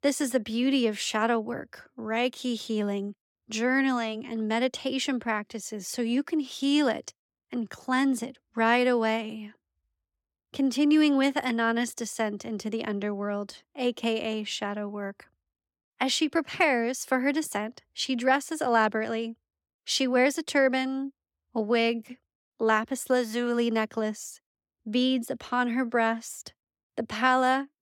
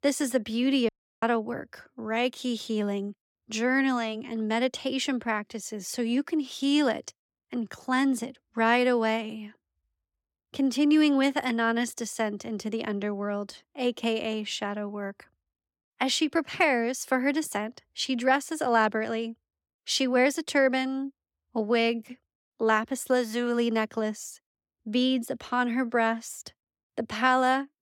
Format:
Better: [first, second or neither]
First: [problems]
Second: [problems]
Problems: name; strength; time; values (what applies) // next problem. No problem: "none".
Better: first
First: none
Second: audio cutting out; at 1 s